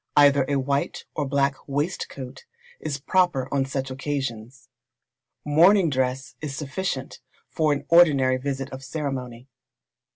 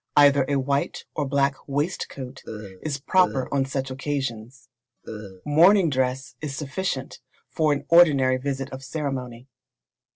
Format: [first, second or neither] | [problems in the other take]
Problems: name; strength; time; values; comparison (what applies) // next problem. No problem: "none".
first | noise reduction (neural separator model SepFormer DNS4)